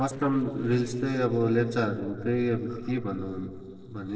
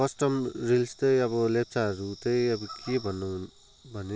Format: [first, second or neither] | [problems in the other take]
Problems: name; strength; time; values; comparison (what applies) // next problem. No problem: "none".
second | noise reduction (neural separator model SepFormer DNS4)